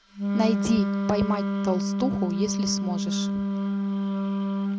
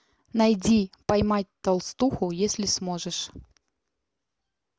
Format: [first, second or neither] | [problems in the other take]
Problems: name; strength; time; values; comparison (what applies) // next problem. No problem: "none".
second | background sound (Wind instrument, woodwind instrument); 3 dB above the speech